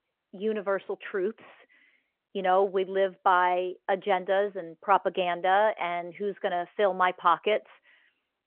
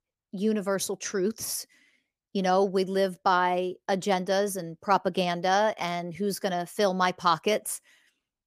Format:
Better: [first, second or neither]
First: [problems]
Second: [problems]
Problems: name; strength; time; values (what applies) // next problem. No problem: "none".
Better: second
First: phone-call audio; nothing above 3.5 kHz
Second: none